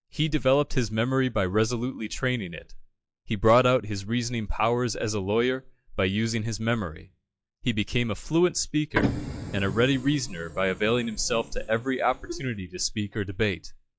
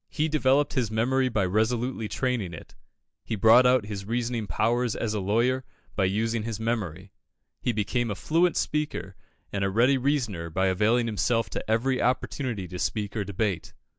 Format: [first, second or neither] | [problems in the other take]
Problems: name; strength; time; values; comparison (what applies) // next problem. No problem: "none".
second | noise reduction (classical method log-MMSE)